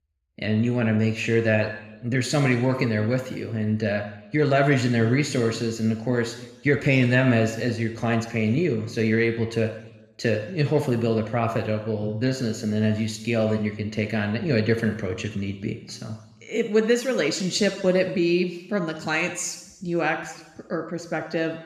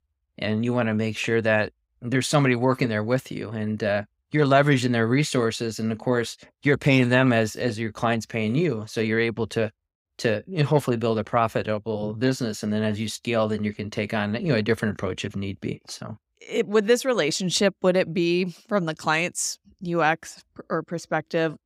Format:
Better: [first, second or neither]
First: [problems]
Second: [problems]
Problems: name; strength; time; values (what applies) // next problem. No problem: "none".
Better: second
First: room echo; noticeable; dies away in 0.9 s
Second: none